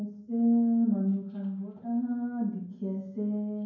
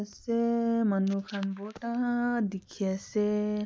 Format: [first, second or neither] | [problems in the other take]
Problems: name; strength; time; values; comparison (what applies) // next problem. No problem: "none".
second | room echo; dies away in 0.9 s